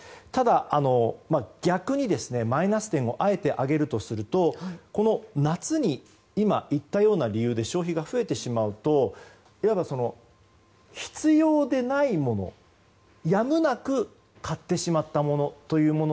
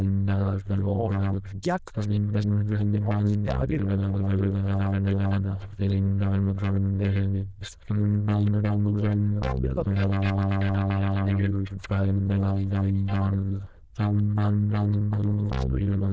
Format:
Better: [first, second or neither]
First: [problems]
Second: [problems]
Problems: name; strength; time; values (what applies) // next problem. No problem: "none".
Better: first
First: none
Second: noise reduction (neural diffusion model UNIVERSE++)